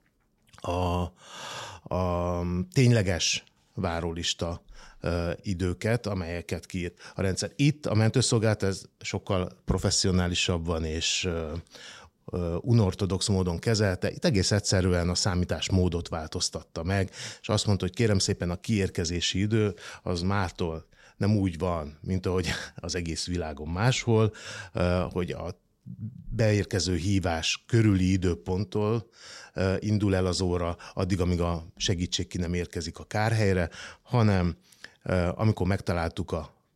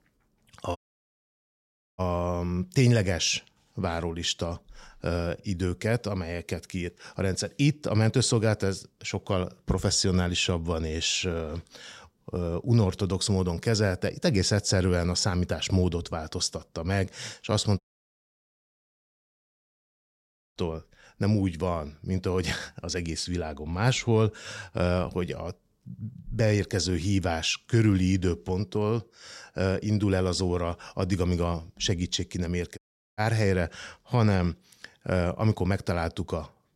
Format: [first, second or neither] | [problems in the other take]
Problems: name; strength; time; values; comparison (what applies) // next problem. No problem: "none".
first | audio cutting out; at 1 s for 1 s, at 18 s for 3 s and at 33 s